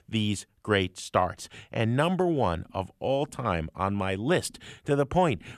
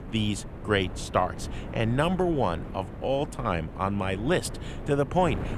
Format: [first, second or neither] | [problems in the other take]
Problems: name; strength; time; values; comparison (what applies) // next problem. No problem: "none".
first | wind noise on the microphone; occasional gusts; 15 dB below the speech